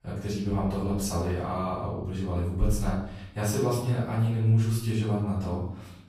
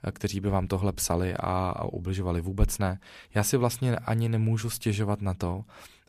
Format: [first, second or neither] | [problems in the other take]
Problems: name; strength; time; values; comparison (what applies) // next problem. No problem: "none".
second | off-mic speech; far // room echo; noticeable; dies away in 0.7 s